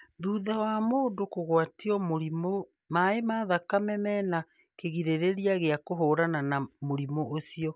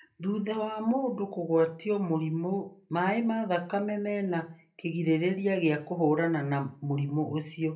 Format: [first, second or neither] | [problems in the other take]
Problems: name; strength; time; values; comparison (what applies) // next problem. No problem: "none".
first | room echo; dies away in 0.3 s